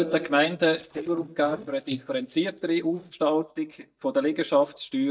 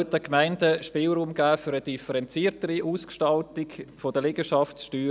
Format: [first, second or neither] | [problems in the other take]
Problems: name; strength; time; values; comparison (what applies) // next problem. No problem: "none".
second | noise reduction (neural mask model DeepFilterNet 3)